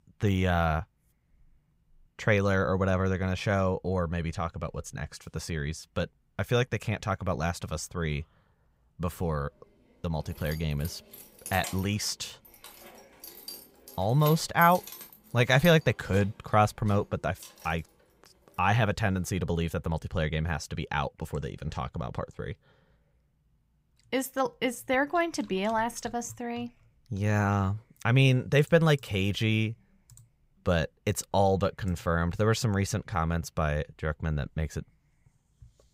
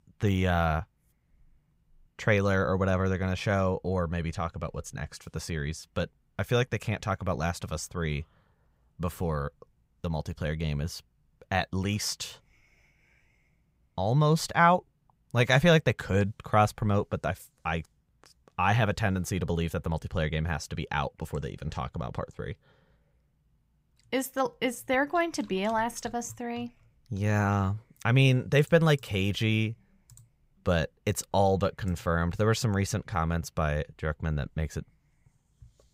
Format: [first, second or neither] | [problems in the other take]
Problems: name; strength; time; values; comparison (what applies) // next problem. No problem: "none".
second | jangling keys; noticeable; from 10 to 18 s; peak 9 dB below the speech